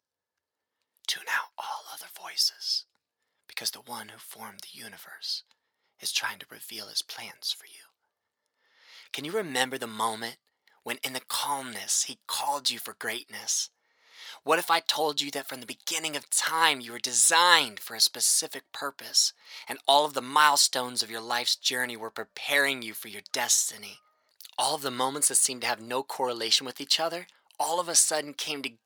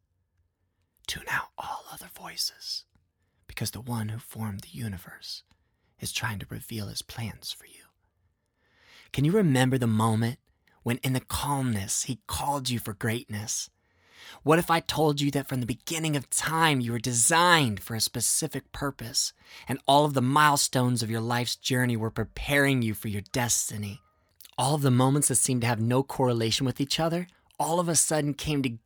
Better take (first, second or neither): second